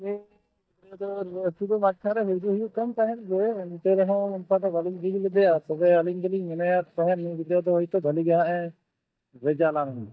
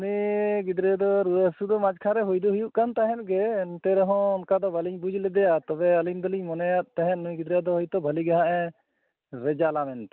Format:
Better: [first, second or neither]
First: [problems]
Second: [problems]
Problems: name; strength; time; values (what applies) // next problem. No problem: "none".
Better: second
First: noise reduction (neural mask model DeepFilterNet 3)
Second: none